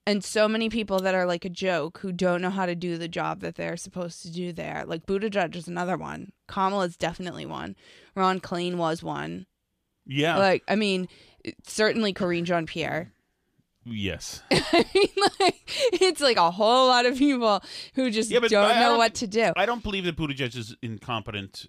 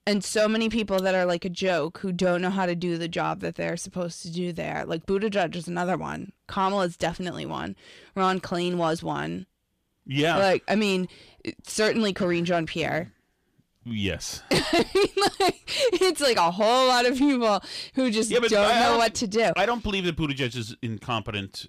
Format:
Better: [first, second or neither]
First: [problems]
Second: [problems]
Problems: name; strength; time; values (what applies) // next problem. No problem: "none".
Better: first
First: none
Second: distortion; slight; 10 dB below the speech